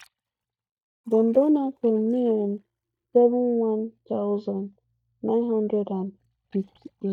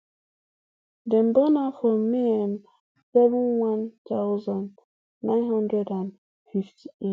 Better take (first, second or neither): second